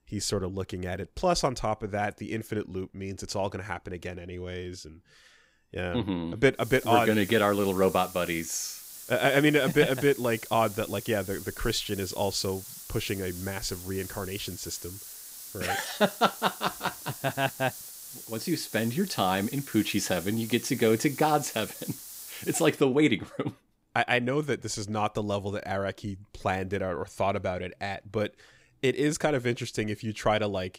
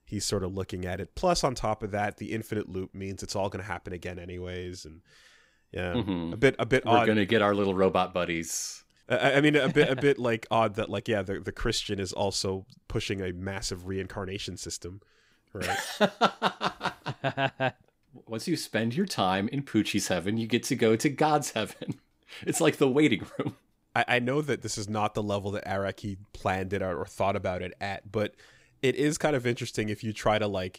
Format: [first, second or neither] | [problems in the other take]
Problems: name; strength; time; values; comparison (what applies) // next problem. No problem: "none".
second | hiss; noticeable; from 6.5 to 23 s; 10 dB below the speech